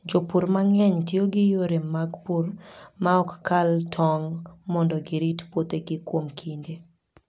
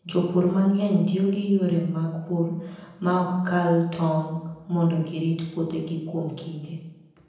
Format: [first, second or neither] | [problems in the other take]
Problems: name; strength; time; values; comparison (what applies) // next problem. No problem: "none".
first | room echo; dies away in 0.9 s